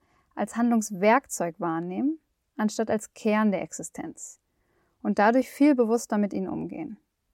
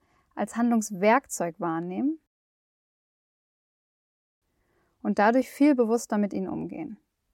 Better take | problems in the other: first | audio cutting out; at 2.5 s for 2 s

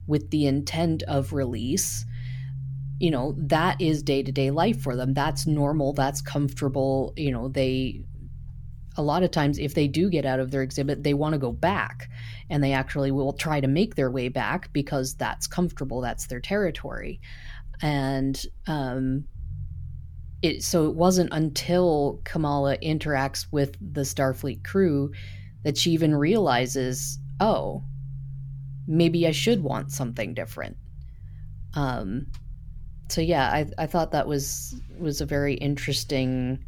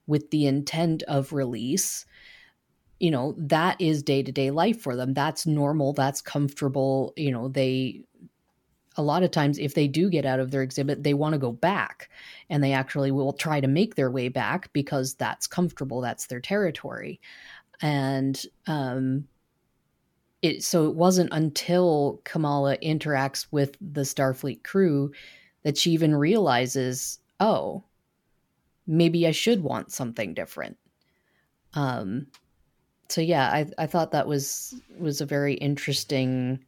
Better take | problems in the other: second | low rumble; faint; throughout; 25 dB below the speech

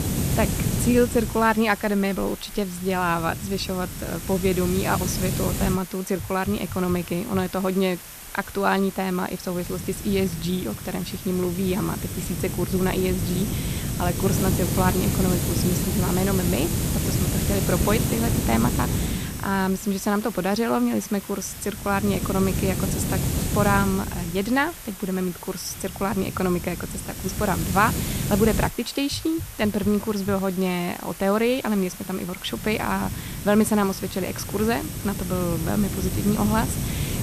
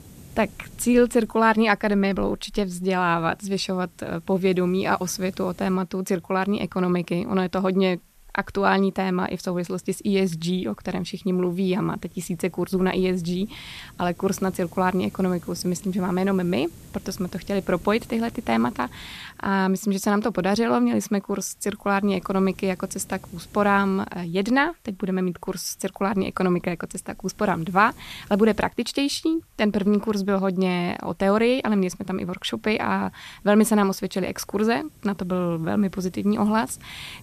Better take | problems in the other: second | hiss; loud; throughout; 4 dB below the speech; faint in the second

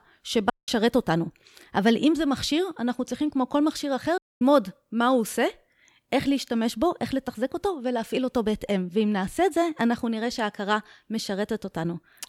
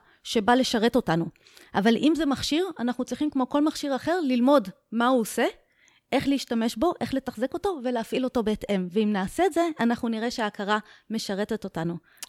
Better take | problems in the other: second | audio cutting out; at 0.5 s and at 4 s

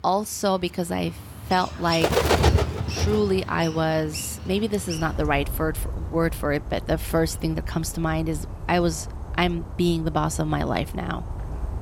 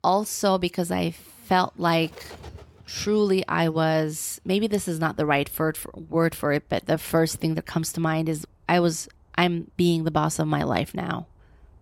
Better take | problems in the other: second | animal sounds; loud; throughout; 4 dB below the speech; faint in the second

